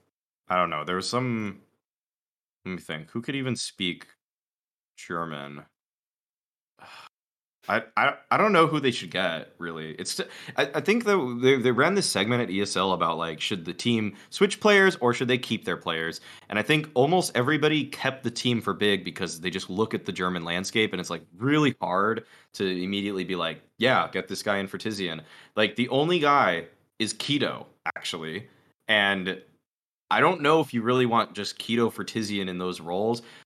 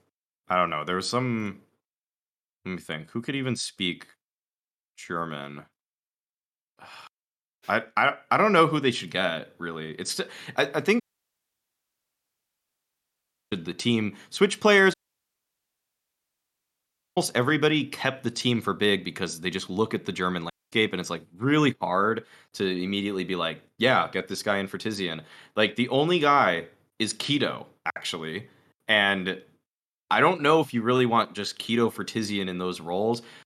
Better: first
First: none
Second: audio cutting out; at 11 s for 2.5 s, at 15 s for 2 s and at 21 s

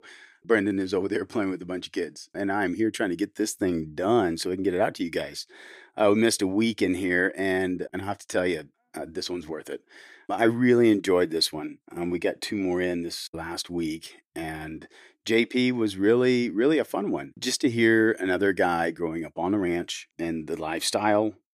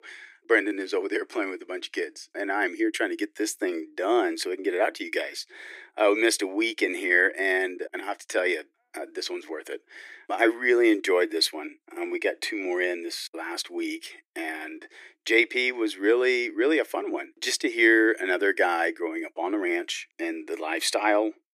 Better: first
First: none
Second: thin; very; fading below 300 Hz

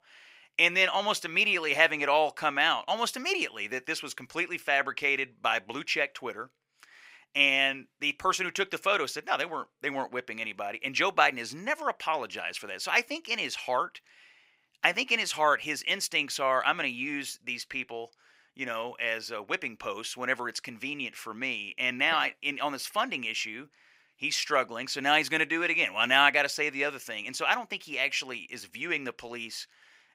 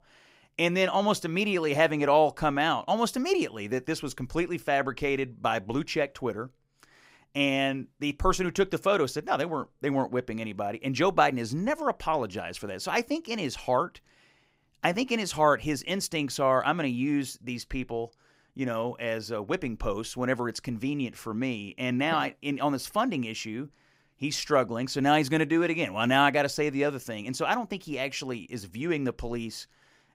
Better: second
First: thin; somewhat; fading below 850 Hz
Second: none

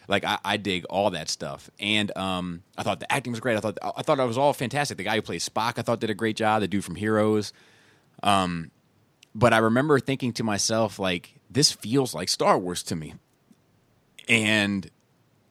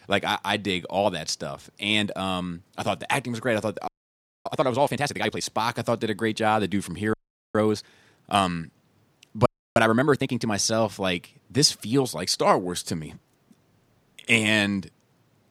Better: first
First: none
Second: audio freezing; at 4 s for 0.5 s, at 7 s and at 9.5 s

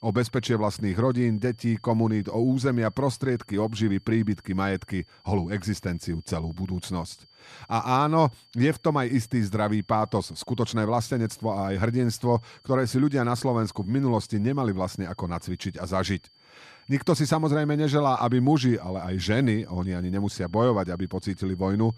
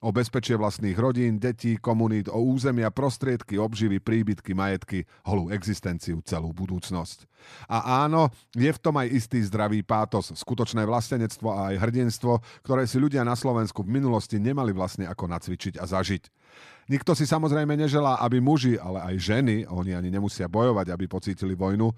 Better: second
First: high-pitched whine; faint; throughout; 4.5 kHz, 30 dB below the speech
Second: none

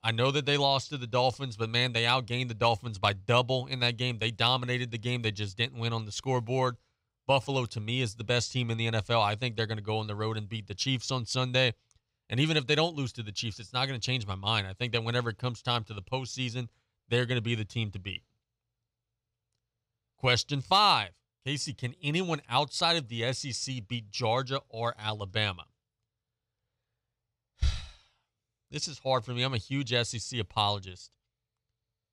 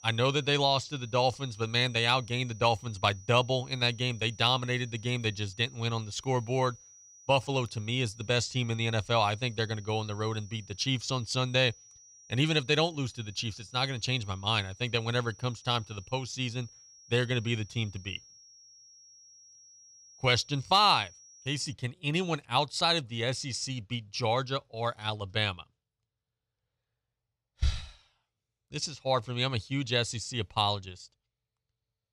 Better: first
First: none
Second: high-pitched whine; faint; until 22 s; 5.5 kHz, 25 dB below the speech

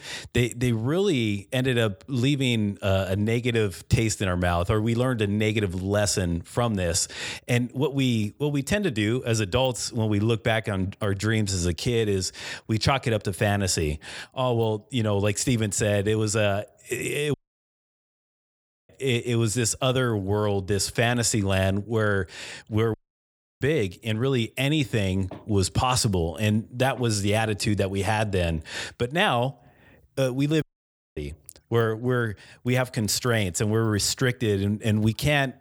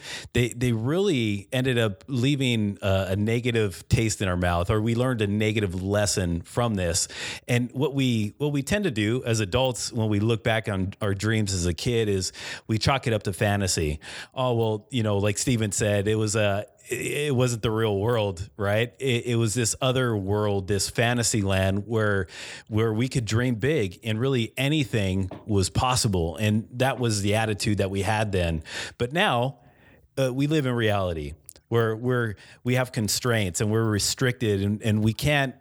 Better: second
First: audio cutting out; at 17 s for 1.5 s, at 23 s for 0.5 s and at 31 s for 0.5 s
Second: none

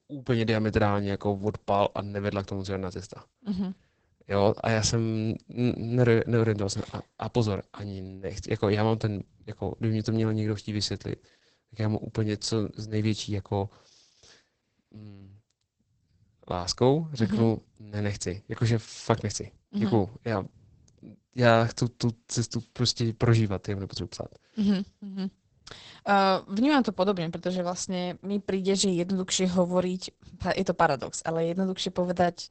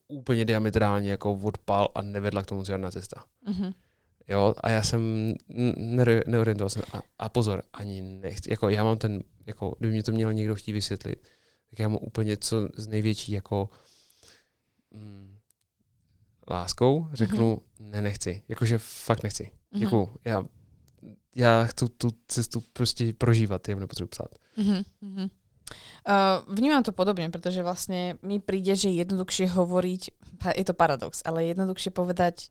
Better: second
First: garbled, watery; badly; nothing above 8 kHz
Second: garbled, watery; slightly

